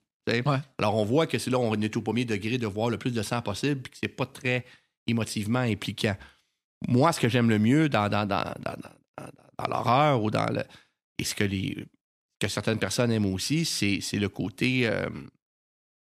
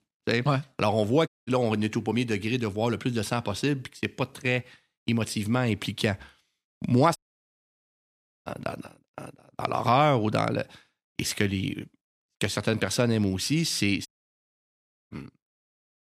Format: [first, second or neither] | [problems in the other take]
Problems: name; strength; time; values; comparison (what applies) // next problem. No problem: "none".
first | audio cutting out; at 1.5 s, at 7 s for 1.5 s and at 14 s for 1 s